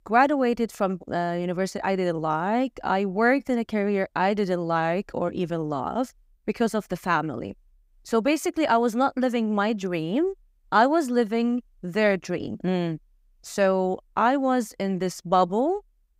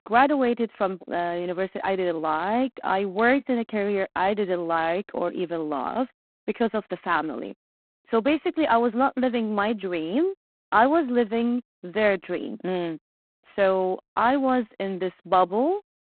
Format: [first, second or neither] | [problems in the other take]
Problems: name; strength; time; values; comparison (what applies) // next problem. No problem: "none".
first | phone-call audio; poor line; nothing above 4 kHz